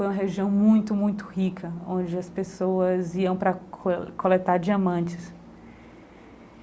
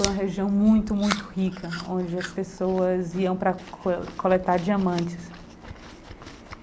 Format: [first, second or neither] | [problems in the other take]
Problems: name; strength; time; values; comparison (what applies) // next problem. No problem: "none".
first | background sound (Chewing, mastication); 13 dB below the speech